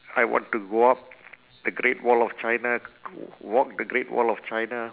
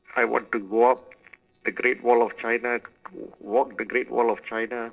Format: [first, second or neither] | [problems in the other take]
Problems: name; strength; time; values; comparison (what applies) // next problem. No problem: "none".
first | noise reduction (neural separator model SepFormer DNS4)